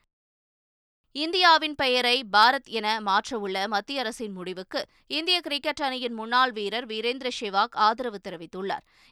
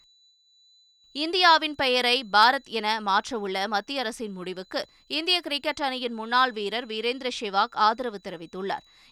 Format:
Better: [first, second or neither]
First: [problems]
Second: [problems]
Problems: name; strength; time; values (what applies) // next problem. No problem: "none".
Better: first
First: none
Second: high-pitched whine; faint; throughout; 4 kHz, 35 dB below the speech